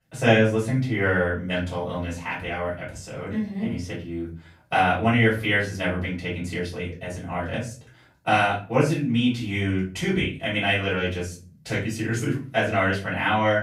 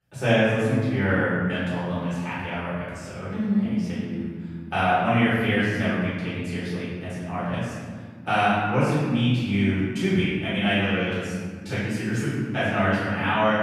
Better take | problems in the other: first | room echo; strong; dies away in 1.7 s; slight in the first // off-mic speech; far; far in the first

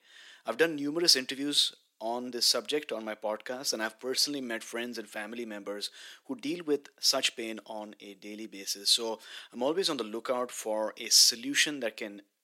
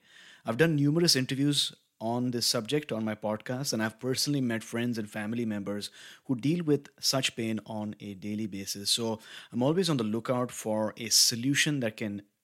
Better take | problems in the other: second | thin; somewhat; fading below 350 Hz

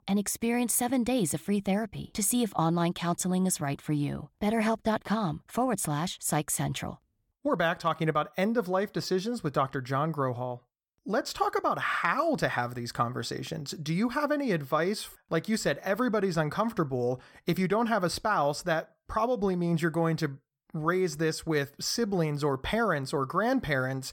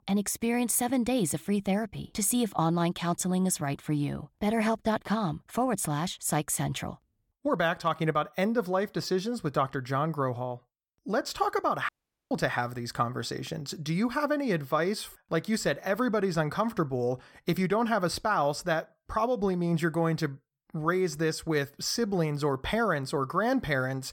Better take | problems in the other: first | audio cutting out; at 12 s

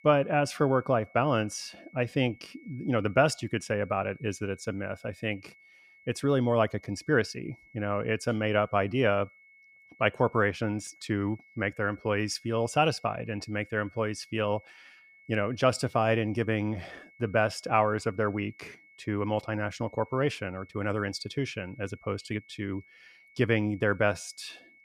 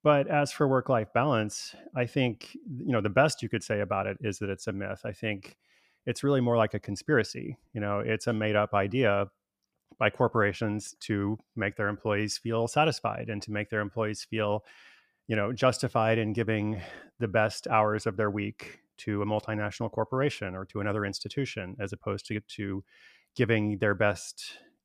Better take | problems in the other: second | high-pitched whine; faint; throughout; 2 kHz, 25 dB below the speech

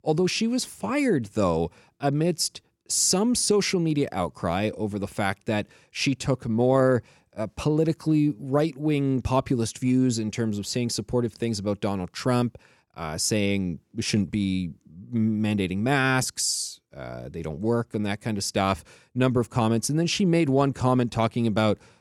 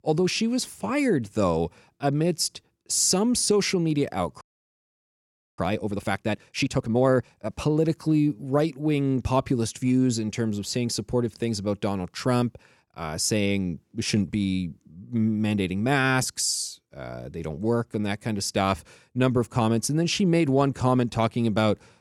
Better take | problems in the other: first | audio freezing; at 4.5 s for 1 s

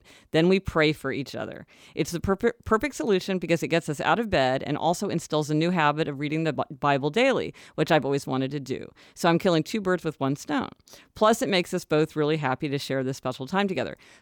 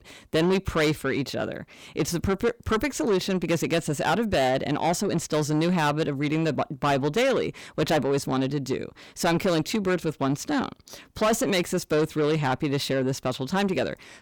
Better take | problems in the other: first | distortion; heavy; 8 dB below the speech

